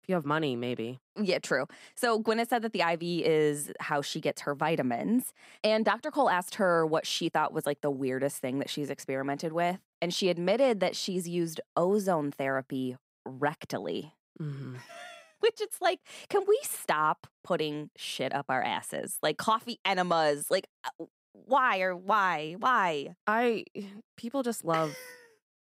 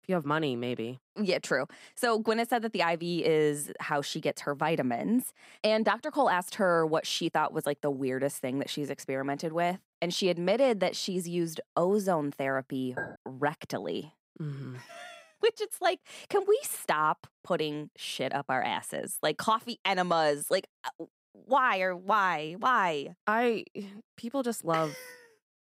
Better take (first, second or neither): first